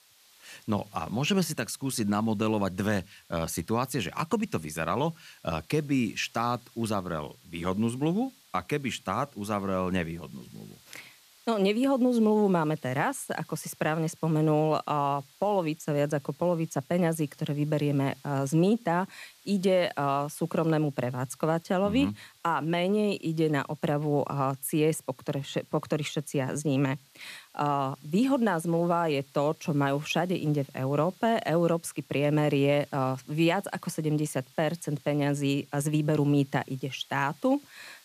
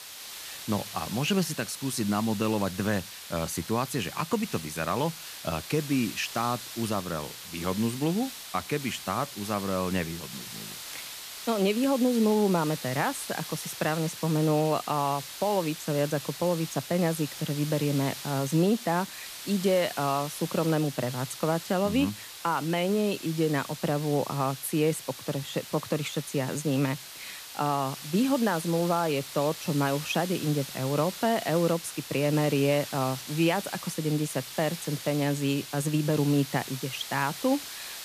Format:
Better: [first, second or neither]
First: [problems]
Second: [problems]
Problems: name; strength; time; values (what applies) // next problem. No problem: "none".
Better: first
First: hiss; faint; throughout; 25 dB below the speech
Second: hiss; loud; throughout; 10 dB below the speech